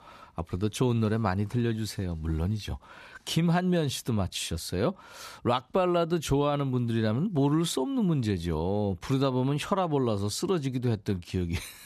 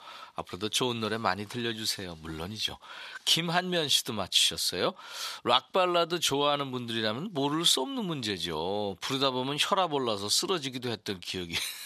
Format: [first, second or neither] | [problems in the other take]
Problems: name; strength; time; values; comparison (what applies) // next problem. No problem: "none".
first | thin; somewhat; fading below 950 Hz